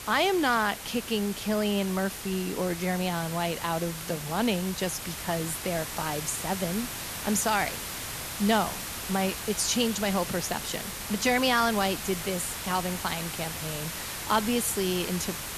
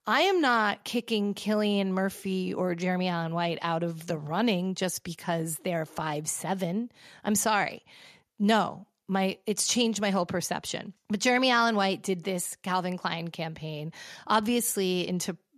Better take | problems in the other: second | hiss; loud; throughout; 6 dB below the speech

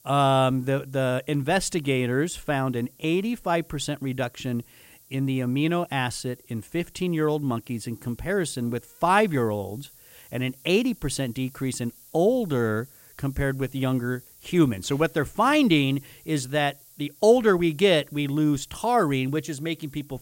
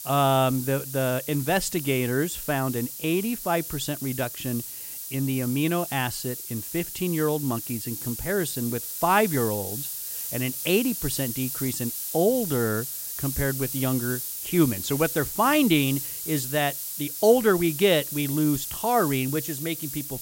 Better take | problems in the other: first | hiss; loud; throughout; 6 dB below the speech; faint in the first

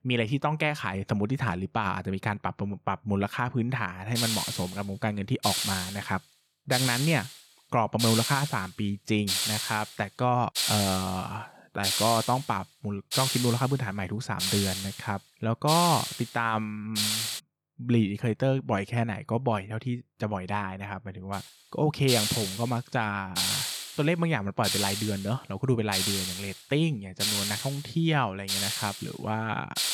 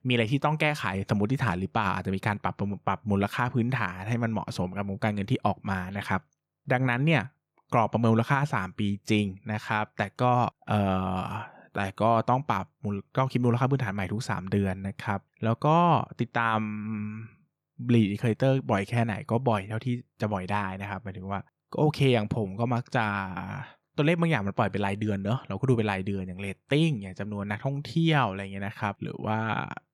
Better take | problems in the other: second | hiss; loud; from 4 to 17 s and from 21 s on; as loud as the speech

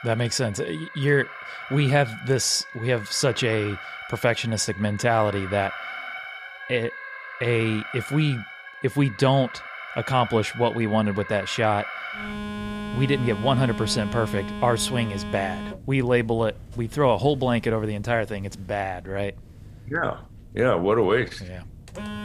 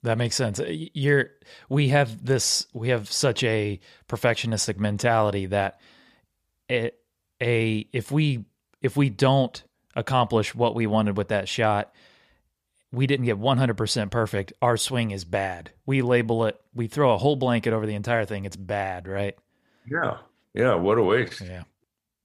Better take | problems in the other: second | alarms or sirens; noticeable; throughout; 10 dB below the speech

